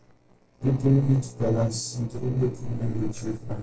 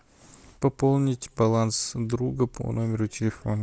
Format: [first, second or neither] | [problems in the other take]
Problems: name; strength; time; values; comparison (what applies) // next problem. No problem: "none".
second | noise reduction (neural separator model SepFormer DNS4)